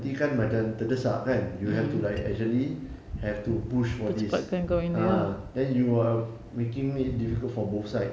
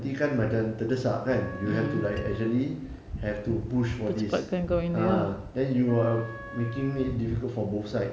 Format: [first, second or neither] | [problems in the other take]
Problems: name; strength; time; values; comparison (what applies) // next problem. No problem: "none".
first | background sound (Wind instrument, woodwind instrument); 18 dB below the speech